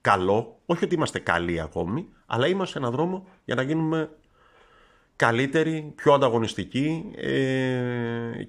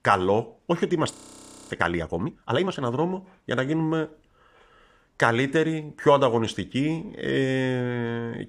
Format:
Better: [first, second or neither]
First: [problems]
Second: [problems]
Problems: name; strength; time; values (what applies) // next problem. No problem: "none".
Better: first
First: none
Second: audio freezing; at 1 s for 0.5 s